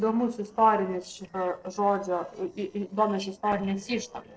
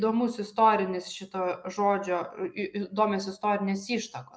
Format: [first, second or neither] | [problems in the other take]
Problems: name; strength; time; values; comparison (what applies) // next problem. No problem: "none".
second | noise reduction (neural separator model SepFormer DNS4)